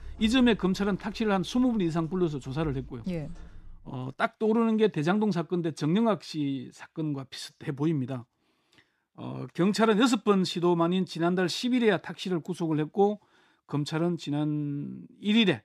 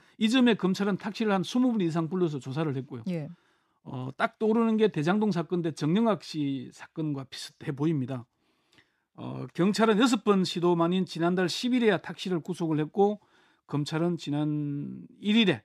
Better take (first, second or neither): second